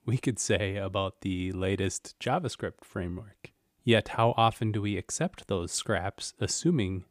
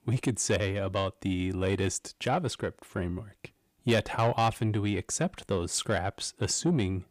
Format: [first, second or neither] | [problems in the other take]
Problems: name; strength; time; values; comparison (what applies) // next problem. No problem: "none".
first | distortion; slight; 10 dB below the speech